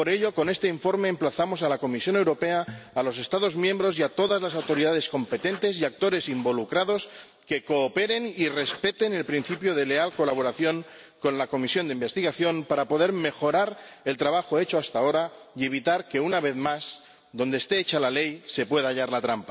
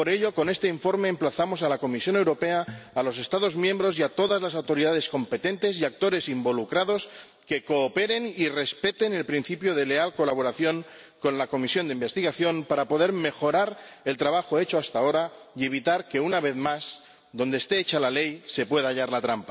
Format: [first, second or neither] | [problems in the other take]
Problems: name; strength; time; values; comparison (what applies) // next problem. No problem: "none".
second | background sound (Writing); 20 dB below the speech